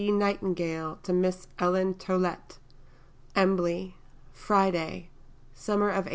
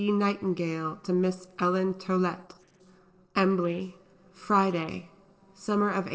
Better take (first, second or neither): first